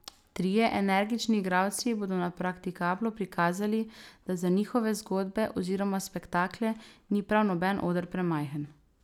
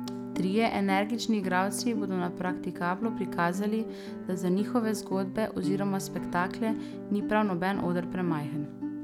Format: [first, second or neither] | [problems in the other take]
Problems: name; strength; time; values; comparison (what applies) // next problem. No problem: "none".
first | background sound (Guitar); 6 dB below the speech